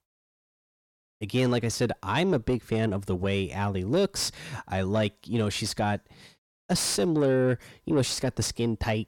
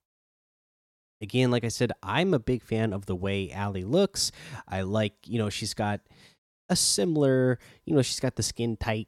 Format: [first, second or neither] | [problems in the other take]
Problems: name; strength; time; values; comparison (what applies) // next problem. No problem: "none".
second | distortion; slight; 10 dB below the speech